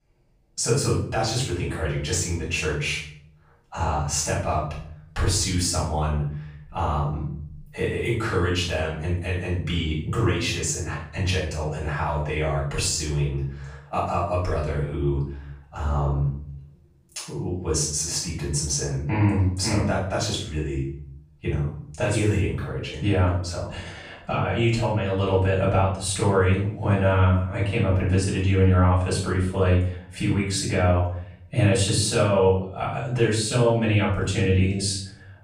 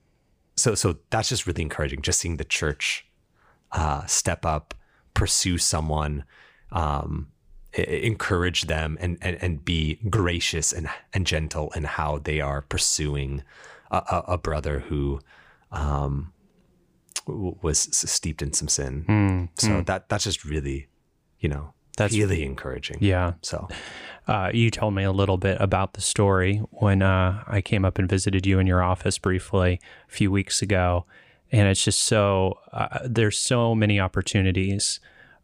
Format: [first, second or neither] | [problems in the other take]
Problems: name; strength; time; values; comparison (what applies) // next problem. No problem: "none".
second | off-mic speech; far // room echo; noticeable; dies away in 0.6 s